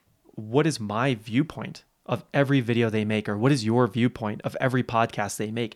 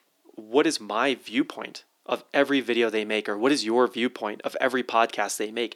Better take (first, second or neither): first